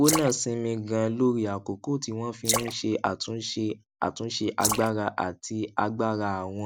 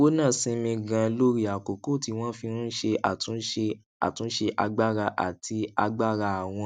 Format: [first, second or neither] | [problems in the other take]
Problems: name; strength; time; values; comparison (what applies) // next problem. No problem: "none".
second | noise reduction (neural mask model Resemble Enhance denoiser)